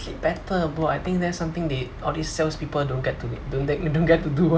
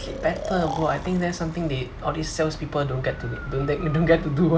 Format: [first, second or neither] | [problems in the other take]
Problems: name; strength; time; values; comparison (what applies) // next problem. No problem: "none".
first | background sound (Breathing); 14 dB below the speech